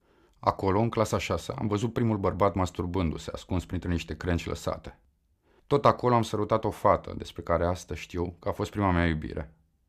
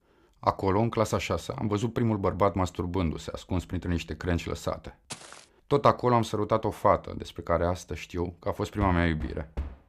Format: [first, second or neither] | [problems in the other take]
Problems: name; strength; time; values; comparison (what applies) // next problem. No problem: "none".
first | footsteps; faint; at 5 s; peak 15 dB below the speech // door banging; faint; at 9 s; peak 10 dB below the speech